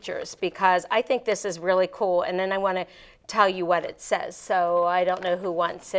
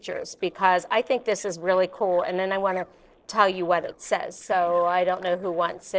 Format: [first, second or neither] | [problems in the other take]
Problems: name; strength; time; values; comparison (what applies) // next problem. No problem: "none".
first | noise reduction (neural separator model SepFormer DNS4)